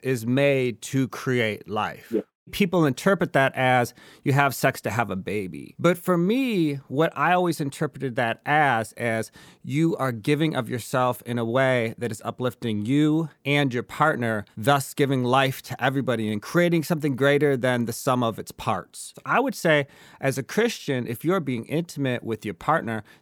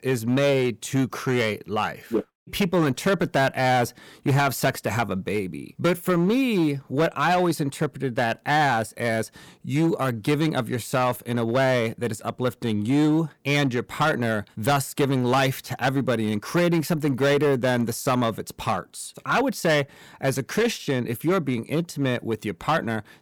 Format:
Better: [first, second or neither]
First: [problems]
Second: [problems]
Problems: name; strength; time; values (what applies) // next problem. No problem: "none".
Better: first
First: none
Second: distortion; slight; 8% of the sound clipped